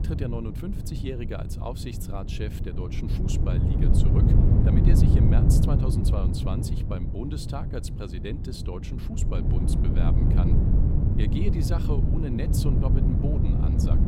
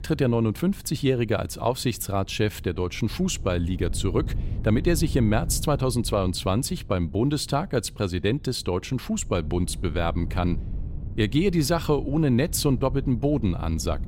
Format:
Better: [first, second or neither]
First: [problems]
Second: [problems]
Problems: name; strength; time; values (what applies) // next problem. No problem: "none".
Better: second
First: wind noise on the microphone; heavy; 2 dB above the speech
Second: wind noise on the microphone; occasional gusts; 20 dB below the speech